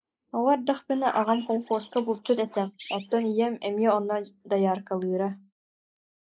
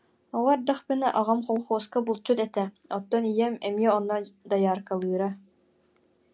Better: second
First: noise reduction (neural mask model Resemble Enhance denoiser)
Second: none

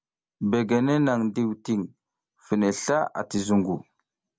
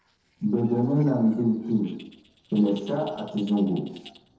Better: first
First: none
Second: noise reduction (neural separator model SepFormer DNS4)

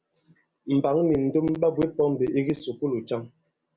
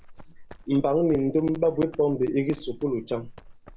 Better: first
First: none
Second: background sound (Run); 18 dB below the speech

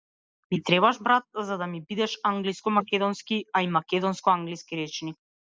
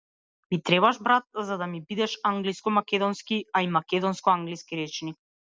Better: second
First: noise reduction (neural mask model Resemble Enhance denoiser)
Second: none

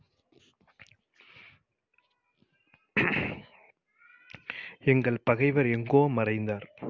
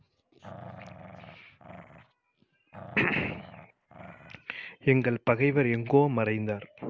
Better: first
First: none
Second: background sound (Growling); 17 dB below the speech

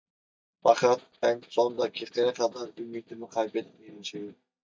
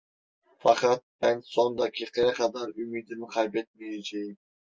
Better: second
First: noise reduction (neural mask model DeepFilterNet 3)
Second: none

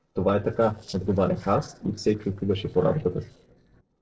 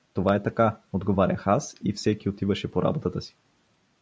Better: second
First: noise reduction (neural separator model SepFormer DNS4)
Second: none

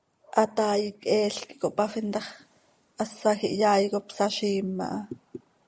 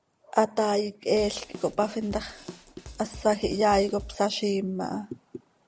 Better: first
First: none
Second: background sound (Drum kit); 15 dB below the speech

